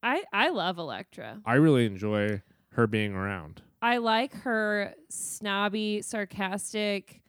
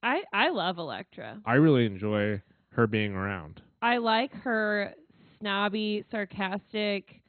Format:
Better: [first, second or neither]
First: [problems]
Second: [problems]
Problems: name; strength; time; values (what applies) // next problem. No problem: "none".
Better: first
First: none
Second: garbled, watery; badly; nothing above 4 kHz